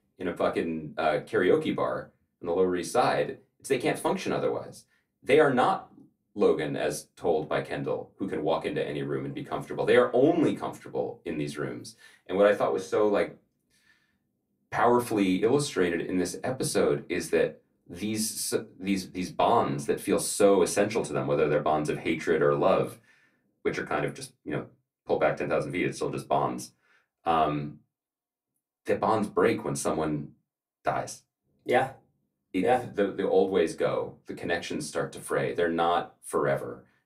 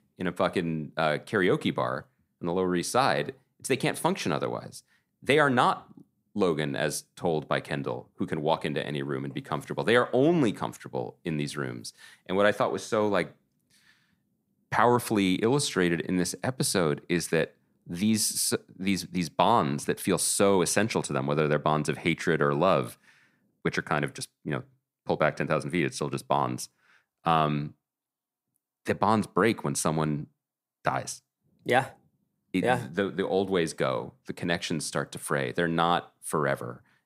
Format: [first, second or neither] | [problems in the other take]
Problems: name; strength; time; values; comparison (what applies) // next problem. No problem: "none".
second | off-mic speech; far // room echo; very slight; dies away in 0.2 s